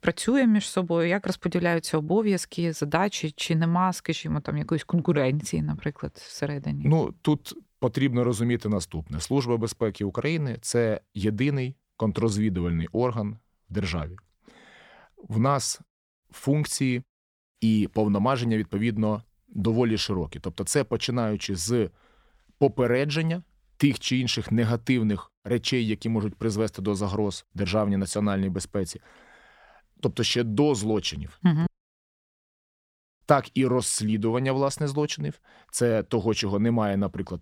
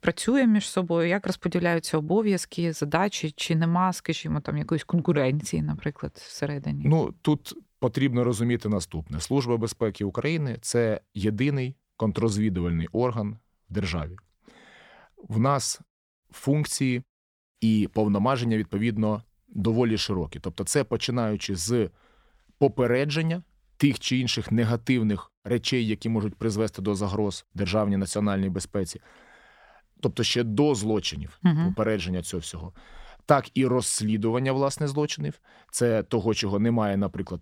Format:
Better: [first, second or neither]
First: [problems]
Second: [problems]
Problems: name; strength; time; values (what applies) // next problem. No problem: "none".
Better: second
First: audio cutting out; at 32 s for 1.5 s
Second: none